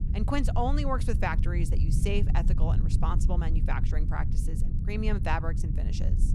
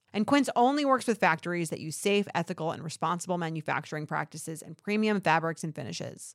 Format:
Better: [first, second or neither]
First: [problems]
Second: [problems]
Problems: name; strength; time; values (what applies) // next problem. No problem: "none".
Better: second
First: low rumble; loud; throughout; 10 dB below the speech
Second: none